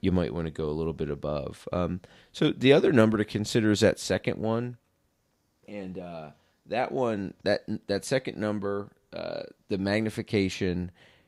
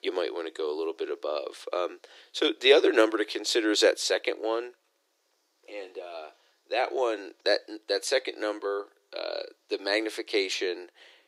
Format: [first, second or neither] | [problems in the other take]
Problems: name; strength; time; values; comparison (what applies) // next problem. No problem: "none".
first | thin; very; fading below 350 Hz